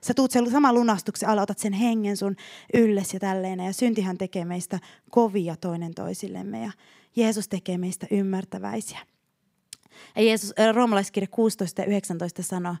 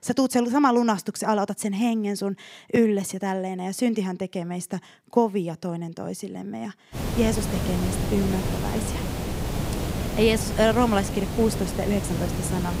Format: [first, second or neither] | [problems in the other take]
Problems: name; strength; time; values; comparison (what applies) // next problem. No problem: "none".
first | hiss; loud; from 7 s on; 4 dB below the speech